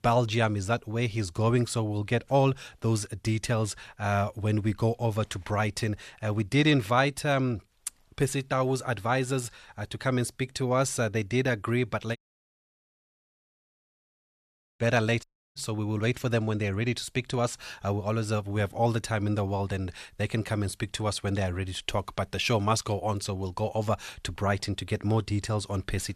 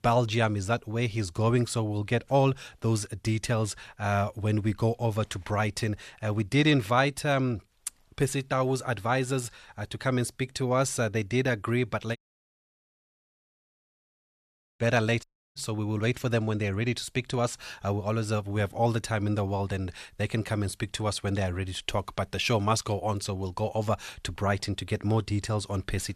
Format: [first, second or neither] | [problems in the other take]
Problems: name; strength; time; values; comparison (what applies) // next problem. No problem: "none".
neither | audio cutting out; at 12 s for 2.5 s and at 15 s; the same in both